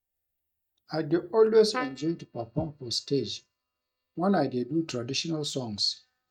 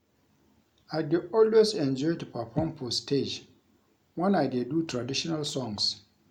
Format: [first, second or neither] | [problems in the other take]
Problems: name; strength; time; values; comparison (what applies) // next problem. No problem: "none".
second | noise reduction (neural mask model DeepFilterNet 3)